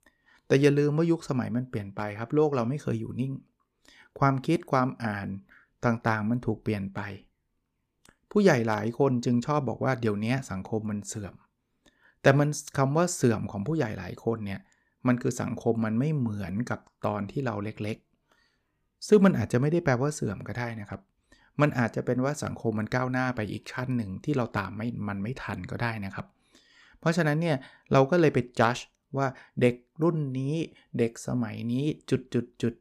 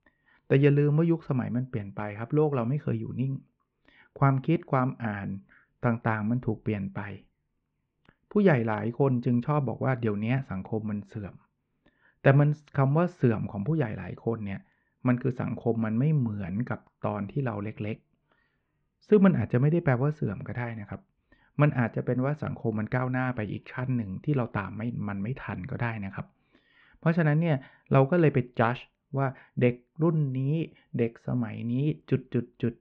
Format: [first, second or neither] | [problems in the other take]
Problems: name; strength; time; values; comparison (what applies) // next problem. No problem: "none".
first | muffled; very; fading above 3 kHz